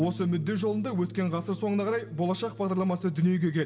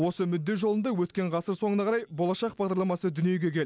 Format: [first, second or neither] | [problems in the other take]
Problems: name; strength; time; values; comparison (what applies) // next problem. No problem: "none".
second | background sound (Bass guitar); 16 dB below the speech // room echo; dies away in 2.7 s